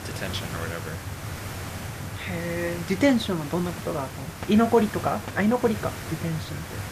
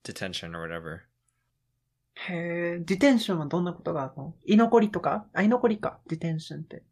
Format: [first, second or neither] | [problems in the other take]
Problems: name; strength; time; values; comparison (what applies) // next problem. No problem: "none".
second | hiss; loud; throughout; 9 dB below the speech